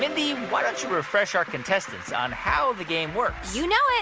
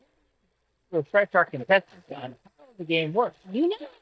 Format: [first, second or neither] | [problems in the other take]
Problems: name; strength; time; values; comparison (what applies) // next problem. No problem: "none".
first | noise reduction (neural mask model DeepFilterNet 3)